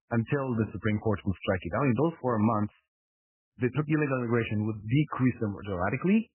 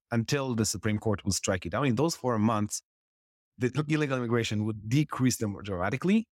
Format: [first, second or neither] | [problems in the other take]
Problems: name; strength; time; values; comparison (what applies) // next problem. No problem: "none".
second | garbled, watery; badly; nothing above 3 kHz